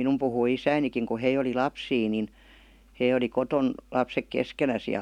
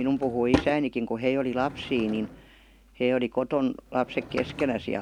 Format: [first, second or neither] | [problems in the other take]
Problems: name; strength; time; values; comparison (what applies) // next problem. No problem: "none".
first | background sound (Drawer open or close / Wood); 10 dB below the speech